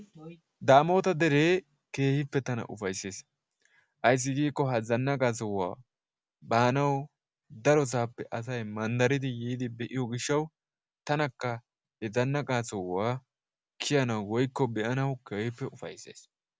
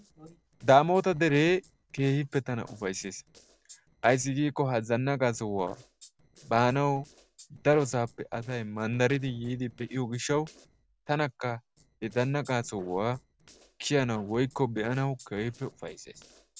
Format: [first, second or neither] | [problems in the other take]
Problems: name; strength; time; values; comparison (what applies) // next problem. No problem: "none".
first | noise reduction (neural separator model SepFormer DNS4)